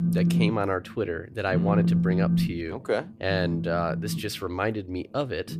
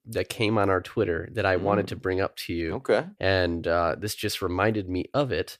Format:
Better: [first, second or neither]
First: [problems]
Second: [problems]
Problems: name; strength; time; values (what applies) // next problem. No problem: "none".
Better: second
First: alarms or sirens; very loud; throughout; 3 dB above the speech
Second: none